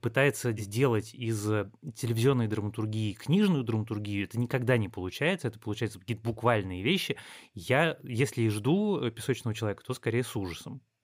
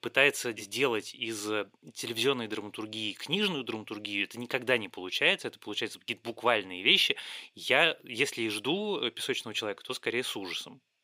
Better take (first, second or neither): first